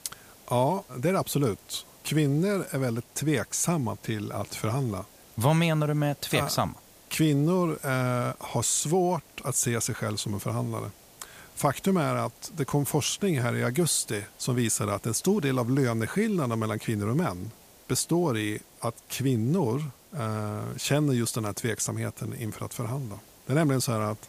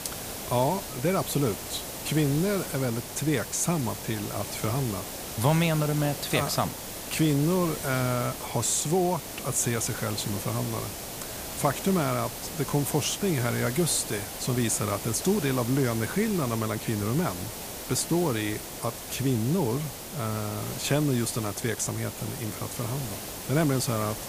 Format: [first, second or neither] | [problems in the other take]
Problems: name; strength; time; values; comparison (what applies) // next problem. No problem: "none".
first | hiss; loud; throughout; 7 dB below the speech; faint in the first